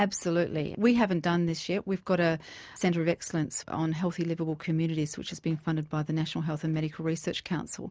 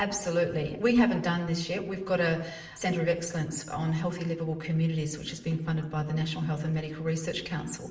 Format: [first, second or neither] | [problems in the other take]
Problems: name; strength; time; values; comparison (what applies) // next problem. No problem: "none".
first | room echo; dies away in 0.8 s